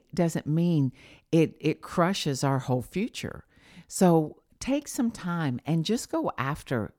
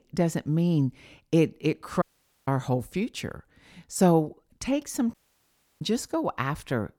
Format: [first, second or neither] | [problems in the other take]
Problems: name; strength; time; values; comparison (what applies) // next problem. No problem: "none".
first | audio cutting out; at 2 s and at 5 s for 0.5 s